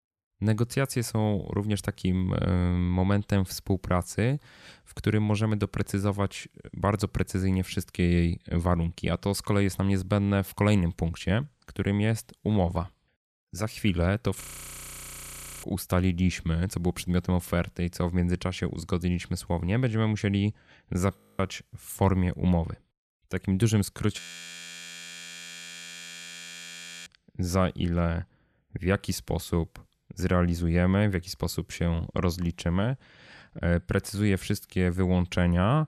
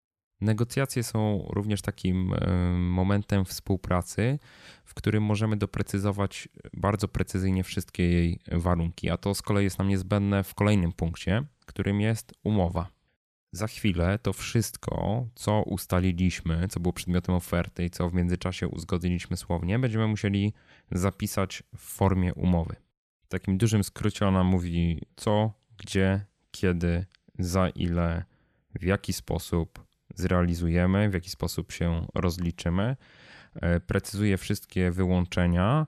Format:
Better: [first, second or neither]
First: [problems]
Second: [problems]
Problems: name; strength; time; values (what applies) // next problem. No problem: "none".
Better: second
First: audio freezing; at 14 s for 1 s, at 21 s and at 24 s for 3 s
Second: none